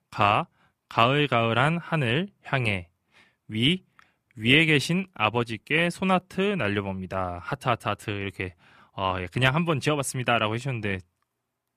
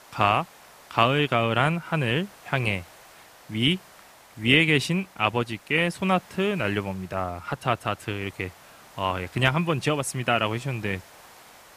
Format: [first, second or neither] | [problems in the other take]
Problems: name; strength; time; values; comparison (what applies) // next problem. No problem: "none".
first | hiss; faint; throughout; 25 dB below the speech